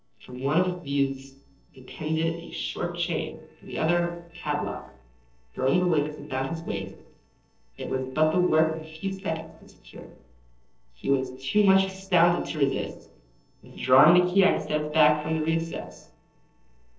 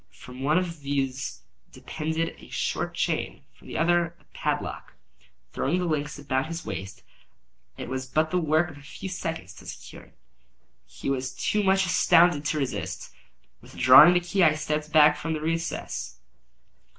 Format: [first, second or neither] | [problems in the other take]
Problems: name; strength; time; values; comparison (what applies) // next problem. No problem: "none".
second | noise reduction (neural separator model SepFormer DNS4)